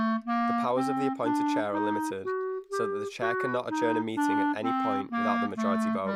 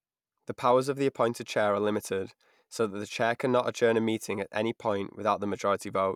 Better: second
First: background sound (Wind instrument, woodwind instrument); 5 dB above the speech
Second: none

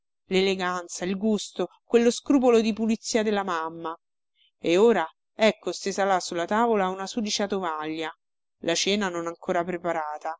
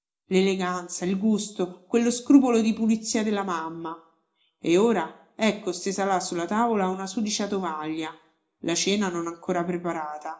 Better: first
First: none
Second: room echo; dies away in 0.4 s

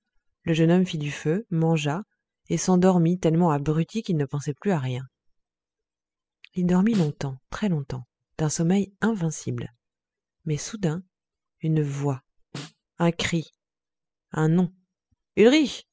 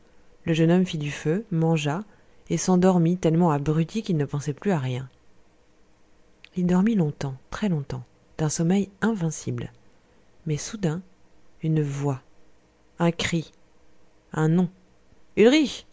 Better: second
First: noise reduction (classical method spectral subtraction)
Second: none

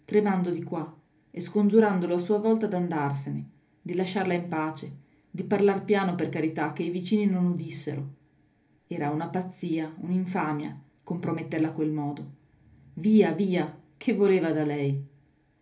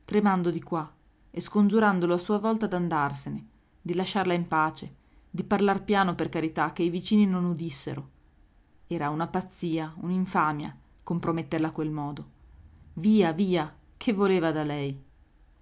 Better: second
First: room echo; dies away in 0.3 s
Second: none

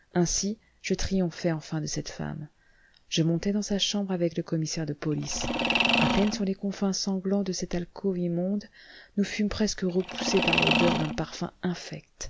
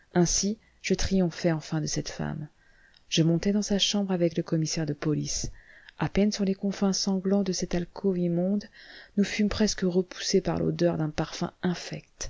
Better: second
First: background sound (Mechanisms); 1 dB above the speech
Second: none

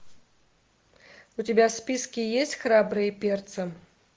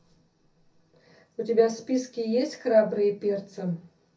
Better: first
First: none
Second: room echo; dies away in 0.3 s

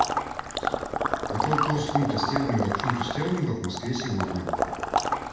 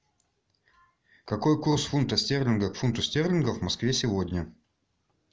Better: second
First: background sound (Water / Liquid); 1 dB above the speech // room echo; dies away in 0.8 s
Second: none

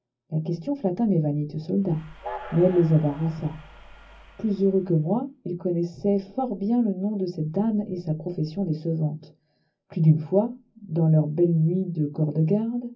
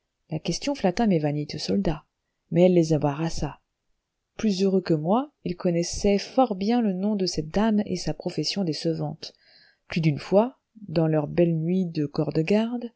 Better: second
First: background sound (Train); 18 dB below the speech // room echo; dies away in 0.4 s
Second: none

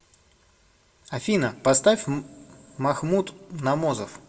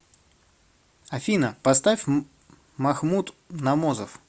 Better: second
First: room echo; dies away in 0.4 s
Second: none

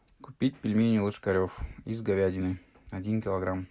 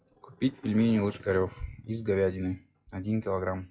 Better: first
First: none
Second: noise reduction (classical method log-MMSE)

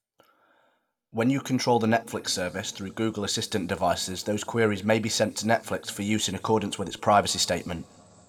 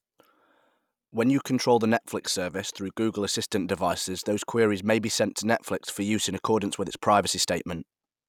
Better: second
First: room echo; dies away in 1 s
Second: none

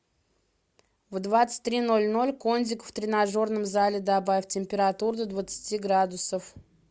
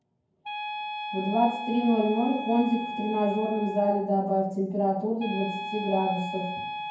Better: first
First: none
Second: background sound (Wind instrument, woodwind instrument); 8 dB below the speech // room echo; dies away in 0.9 s

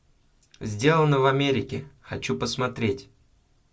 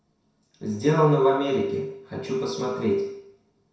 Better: first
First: none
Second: room echo; dies away in 0.7 s

